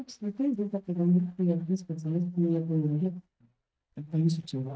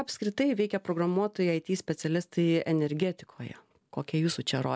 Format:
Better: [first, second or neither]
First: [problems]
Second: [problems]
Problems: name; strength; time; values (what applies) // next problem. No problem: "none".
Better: second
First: noise reduction (neural mask model DeepFilterNet 3)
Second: none